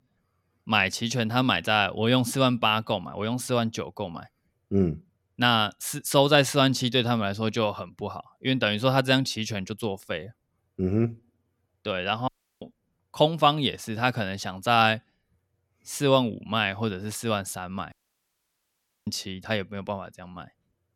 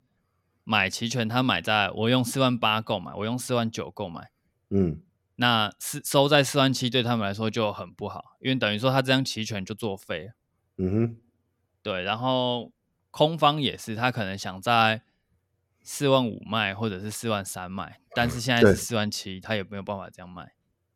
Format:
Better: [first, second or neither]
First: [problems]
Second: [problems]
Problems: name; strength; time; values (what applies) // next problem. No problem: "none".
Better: second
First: audio cutting out; at 12 s and at 18 s for 1 s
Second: none